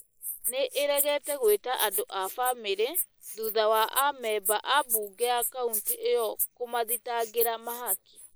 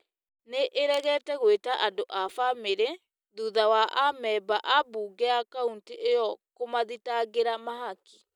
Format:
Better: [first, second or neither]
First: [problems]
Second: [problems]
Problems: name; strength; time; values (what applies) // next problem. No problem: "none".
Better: second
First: noise reduction (neural mask model Resemble Enhance denoiser)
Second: none